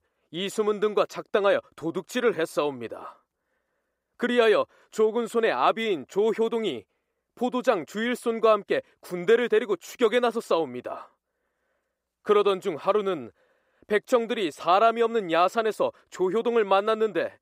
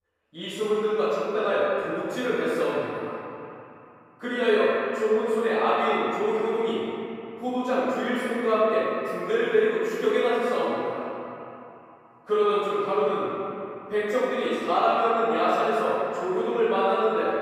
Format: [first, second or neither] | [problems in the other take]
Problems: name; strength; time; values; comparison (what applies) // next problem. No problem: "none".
first | room echo; strong; dies away in 3 s // off-mic speech; far